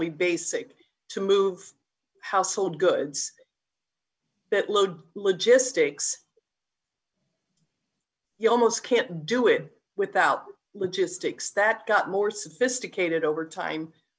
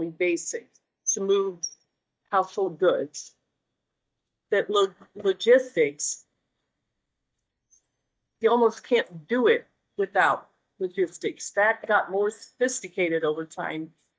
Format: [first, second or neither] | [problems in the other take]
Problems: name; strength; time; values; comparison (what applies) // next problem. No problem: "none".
first | noise reduction (neural mask model DeepFilterNet 3)